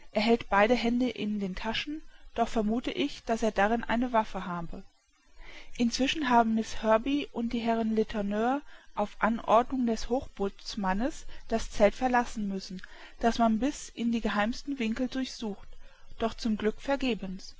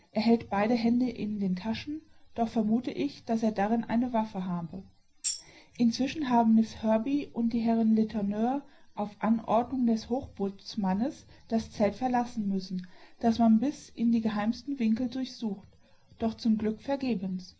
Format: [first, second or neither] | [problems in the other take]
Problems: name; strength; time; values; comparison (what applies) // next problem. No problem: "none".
first | background sound (Tambourine); 9 dB below the speech // room echo; dies away in 0.5 s